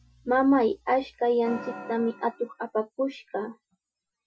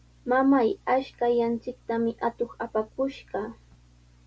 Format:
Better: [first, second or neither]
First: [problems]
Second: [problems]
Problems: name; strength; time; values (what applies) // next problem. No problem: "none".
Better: second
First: noise reduction (classical method Wiener filter)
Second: none